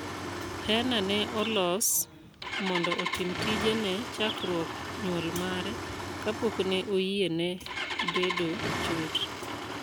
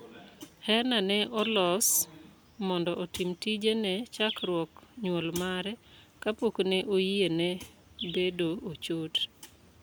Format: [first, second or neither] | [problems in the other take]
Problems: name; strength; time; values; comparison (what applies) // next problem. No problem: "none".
second | background sound (Engine starting); 4 dB below the speech